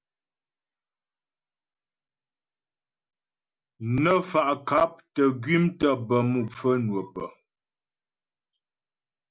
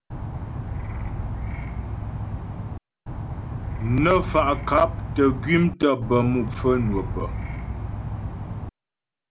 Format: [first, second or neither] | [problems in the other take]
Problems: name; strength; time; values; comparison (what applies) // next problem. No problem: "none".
first | background sound (Insect); 4 dB below the speech